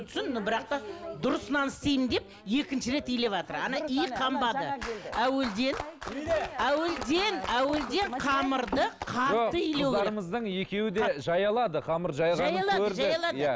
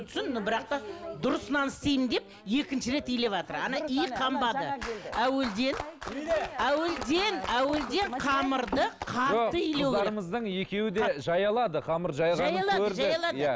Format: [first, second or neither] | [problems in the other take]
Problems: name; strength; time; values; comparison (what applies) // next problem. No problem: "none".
second | background sound (Bowed string instrument); 20 dB below the speech